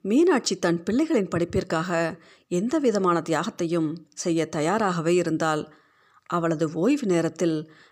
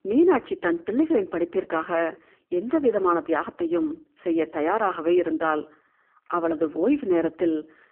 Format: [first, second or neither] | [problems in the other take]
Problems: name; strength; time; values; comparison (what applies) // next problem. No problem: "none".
first | phone-call audio; poor line